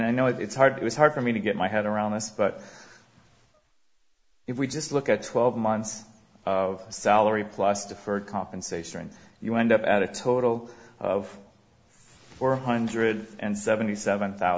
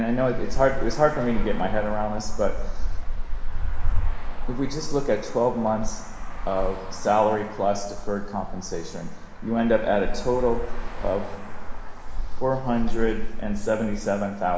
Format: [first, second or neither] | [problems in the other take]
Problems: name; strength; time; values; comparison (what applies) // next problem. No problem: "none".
first | background sound (Traffic noise, roadway noise); 2 dB above the speech // room echo; dies away in 1.1 s